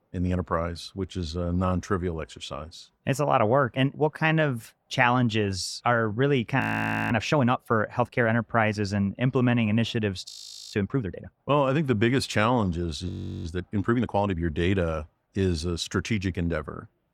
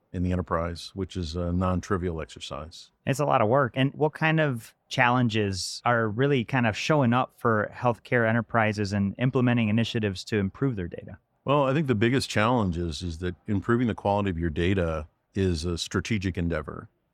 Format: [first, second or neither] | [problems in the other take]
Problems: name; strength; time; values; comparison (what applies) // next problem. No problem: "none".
second | audio freezing; at 6.5 s for 0.5 s, at 10 s and at 13 s